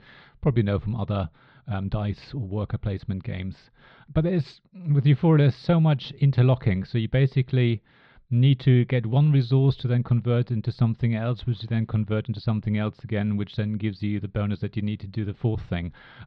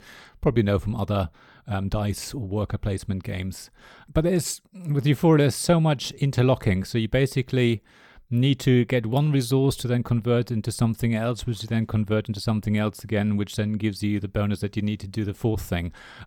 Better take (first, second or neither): second